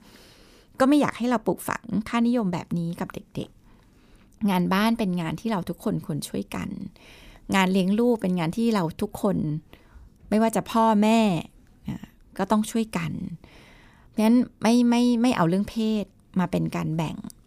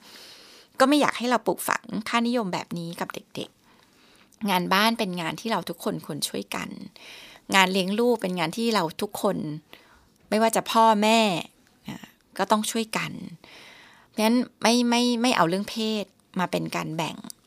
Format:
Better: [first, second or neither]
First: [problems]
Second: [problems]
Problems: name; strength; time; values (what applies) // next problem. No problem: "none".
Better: first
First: none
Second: thin; very slightly; fading below 600 Hz